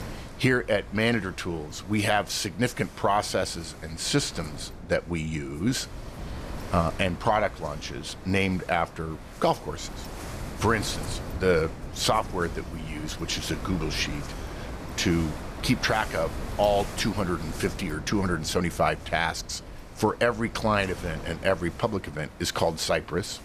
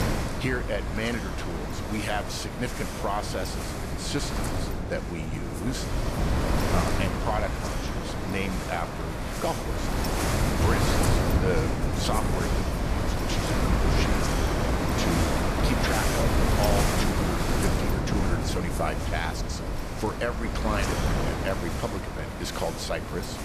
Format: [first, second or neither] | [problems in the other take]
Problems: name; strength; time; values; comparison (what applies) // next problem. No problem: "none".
first | wind noise on the microphone; heavy; 2 dB above the speech; occasional gusts in the first